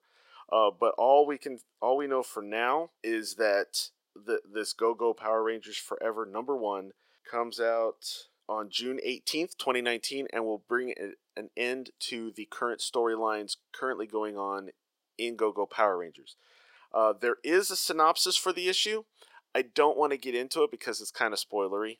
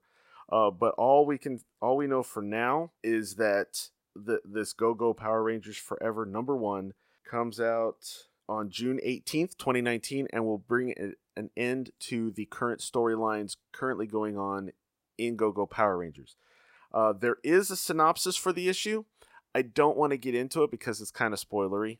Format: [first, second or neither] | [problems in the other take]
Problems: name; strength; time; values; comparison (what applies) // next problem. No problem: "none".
second | thin; somewhat; fading below 450 Hz